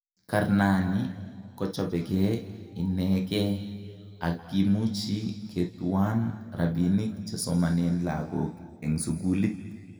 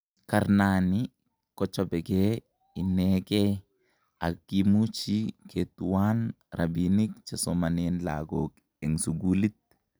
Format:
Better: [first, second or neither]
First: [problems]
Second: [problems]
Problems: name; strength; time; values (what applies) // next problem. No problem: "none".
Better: second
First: room echo; dies away in 1.9 s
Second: none